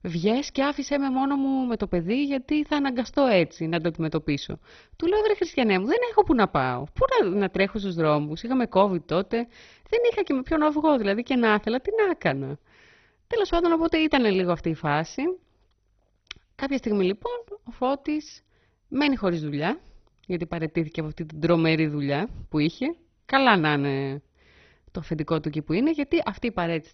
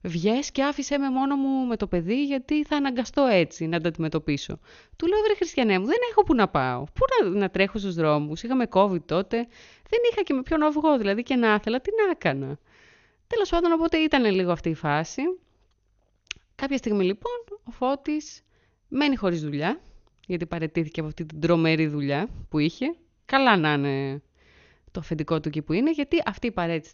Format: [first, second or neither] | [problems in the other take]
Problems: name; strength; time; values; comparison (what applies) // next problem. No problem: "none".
second | garbled, watery; badly; nothing above 6 kHz; slightly in the second